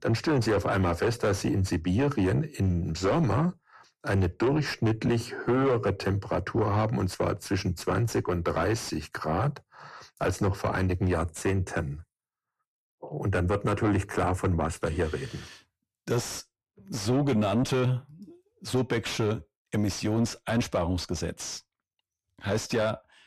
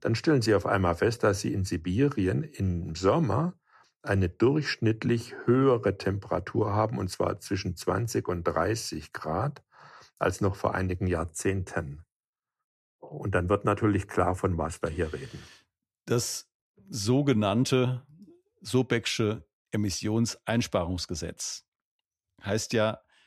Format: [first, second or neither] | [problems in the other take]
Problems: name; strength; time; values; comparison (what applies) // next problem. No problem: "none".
second | distortion; heavy; 8 dB below the speech